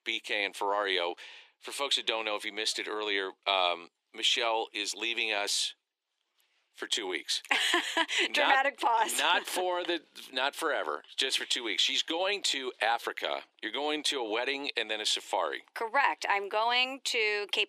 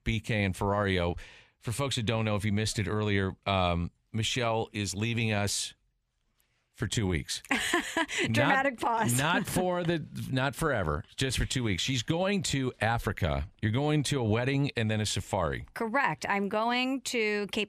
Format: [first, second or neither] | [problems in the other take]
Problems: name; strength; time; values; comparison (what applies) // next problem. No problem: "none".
second | thin; very; fading below 350 Hz